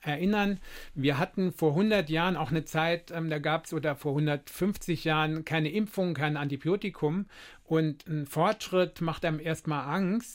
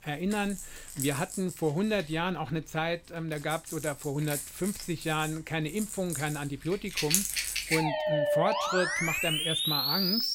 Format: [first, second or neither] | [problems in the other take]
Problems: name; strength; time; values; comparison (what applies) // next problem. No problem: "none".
first | background music; very loud; throughout; 2 dB above the speech